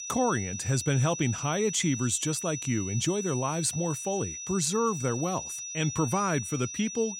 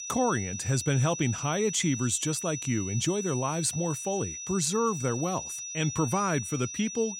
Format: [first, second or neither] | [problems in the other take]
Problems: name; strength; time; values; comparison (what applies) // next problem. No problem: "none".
neither | high-pitched whine; loud; throughout; 6 kHz, 7 dB below the speech; the same in both